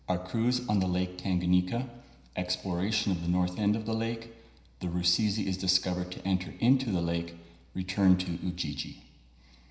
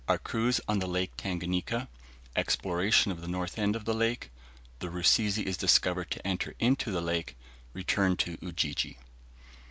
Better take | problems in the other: second | room echo; dies away in 0.9 s

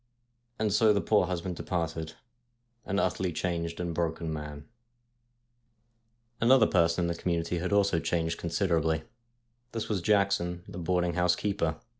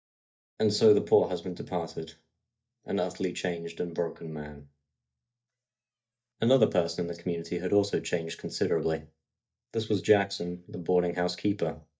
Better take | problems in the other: first | noise reduction (neural mask model DeepFilterNet 3)

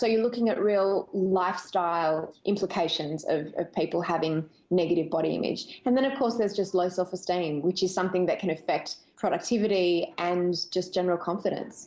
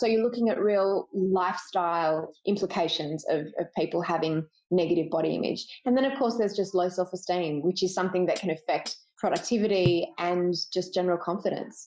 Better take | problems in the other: first | noise reduction (classical method Wiener filter)

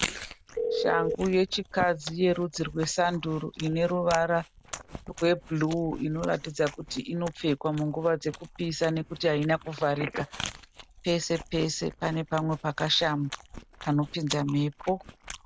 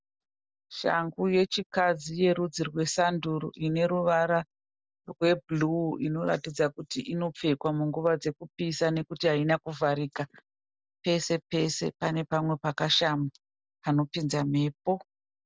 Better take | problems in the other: second | background sound (Chewing, mastication + Telephone); 10 dB below the speech

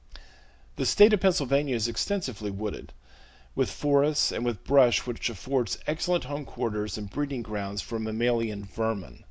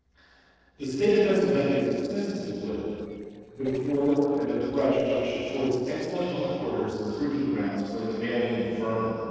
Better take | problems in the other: first | noise reduction (neural separator model SepFormer DNS4)

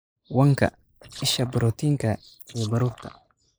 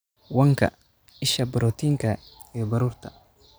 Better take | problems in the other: second | noise reduction (neural mask model Resemble Enhance denoiser)

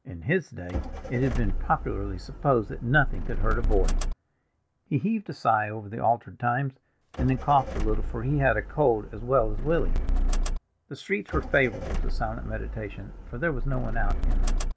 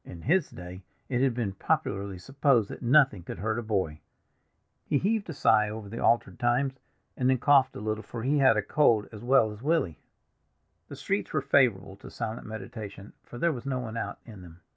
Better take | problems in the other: second | background sound (Motor vehicle (road)); 1 dB above the speech

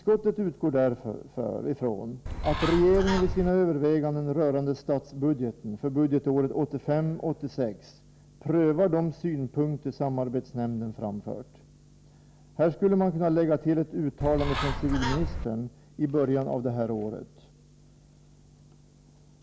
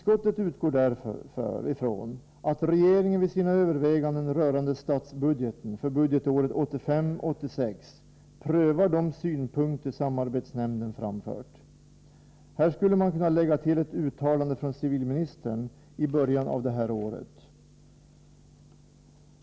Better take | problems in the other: second | background sound (Bird); 3 dB below the speech

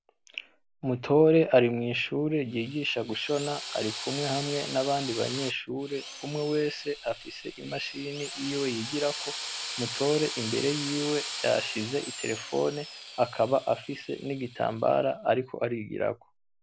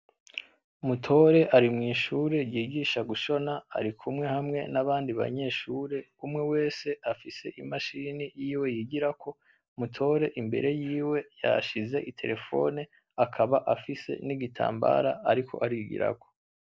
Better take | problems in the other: second | background sound (Drill); 11 dB below the speech

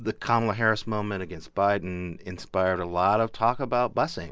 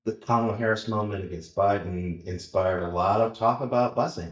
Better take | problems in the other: first | noise reduction (neural mask model DeepFilterNet 3)

